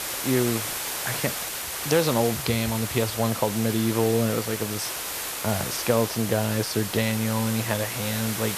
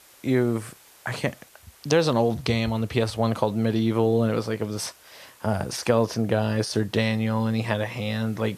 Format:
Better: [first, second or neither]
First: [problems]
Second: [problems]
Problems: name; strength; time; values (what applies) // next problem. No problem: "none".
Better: second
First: hiss; loud; throughout; 4 dB below the speech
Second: hiss; faint; throughout; 25 dB below the speech